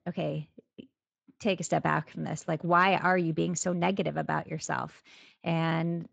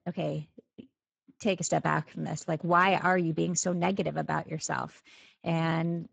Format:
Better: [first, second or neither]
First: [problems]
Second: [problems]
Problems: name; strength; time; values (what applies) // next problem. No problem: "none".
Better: first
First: garbled, watery; slightly; nothing above 7.5 kHz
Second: garbled, watery; badly; nothing above 7.5 kHz